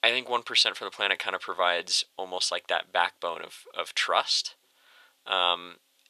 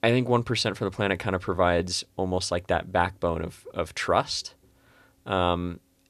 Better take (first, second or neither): second